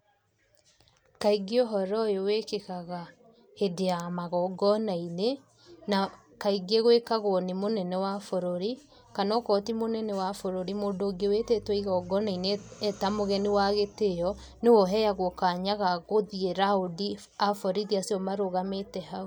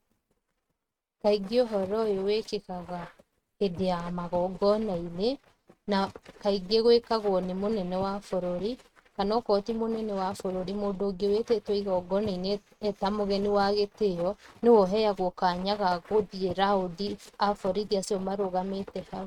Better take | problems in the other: first | noise reduction (neural mask model RNNoise)

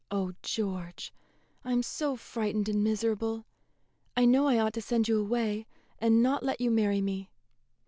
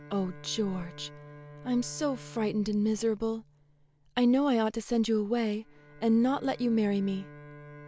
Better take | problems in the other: first | background sound (Bowed string instrument); 20 dB below the speech

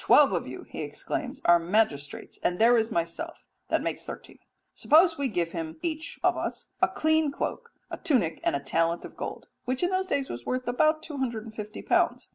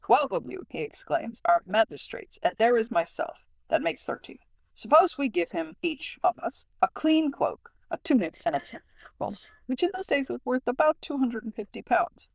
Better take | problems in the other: first | noise reduction (neural diffusion model UNIVERSE++)

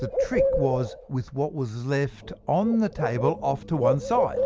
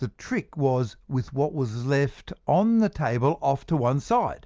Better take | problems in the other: second | background sound (Bird); 2 dB below the speech

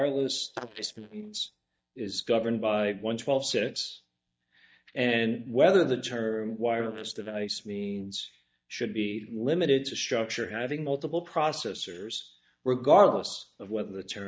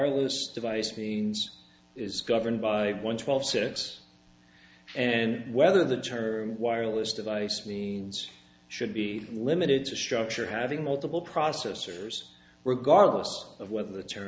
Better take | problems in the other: second | noise reduction (neural mask model DeepFilterNet 3)

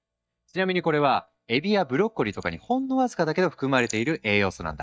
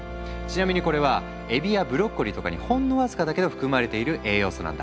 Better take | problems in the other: second | noise reduction (neural mask model DeepFilterNet 3)

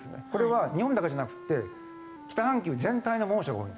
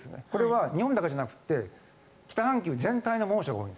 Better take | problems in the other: second | background sound (Wind instrument, woodwind instrument); 17 dB below the speech

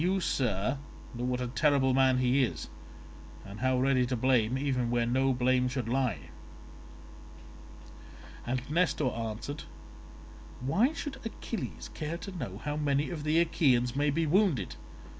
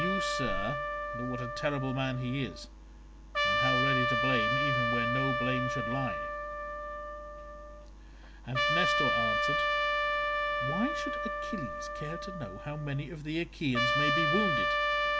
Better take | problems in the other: first | background sound (Trumpet); 4 dB above the speech

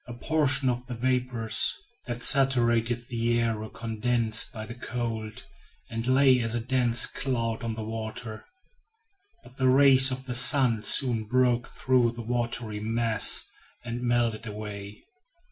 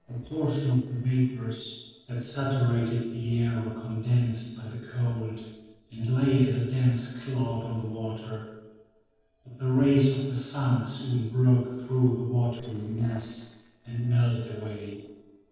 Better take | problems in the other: first | noise reduction (neural separator model SepFormer DNS4)

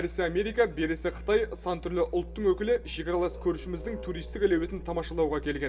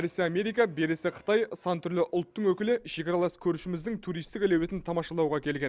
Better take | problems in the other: second | background sound (Musical instrument); 12 dB below the speech // room echo; dies away in 0.3 s

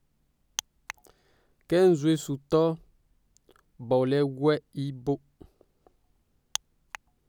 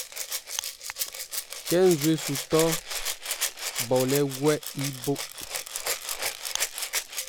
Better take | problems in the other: first | background sound (Rattle (instrument)); 4 dB below the speech

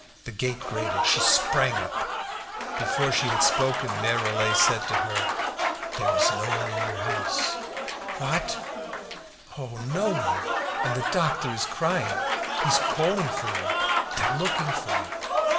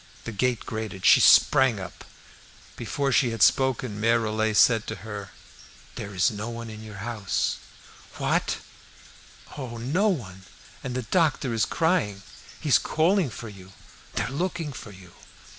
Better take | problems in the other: second | background sound (Applause / Crowd); 2 dB above the speech // room echo; dies away in 0.6 s

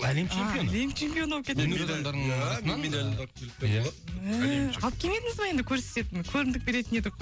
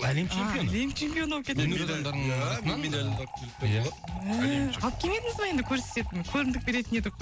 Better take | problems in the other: first | background sound (Fill (with liquid) / Trickle, dribble); 17 dB below the speech

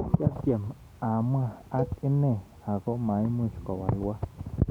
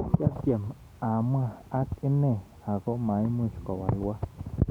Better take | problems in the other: second | background sound (Cowbell); 15 dB below the speech

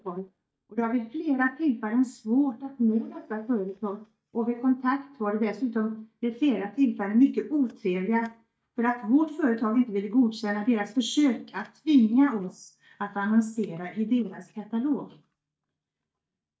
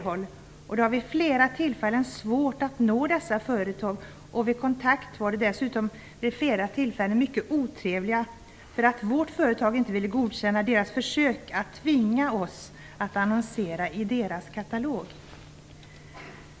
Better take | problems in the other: second | noise reduction (neural mask model DeepFilterNet 3)

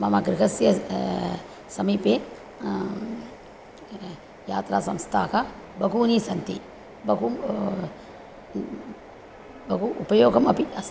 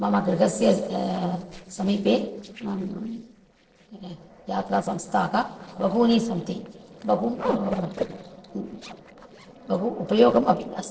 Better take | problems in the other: first | noise reduction (neural separator model SepFormer DNS4)

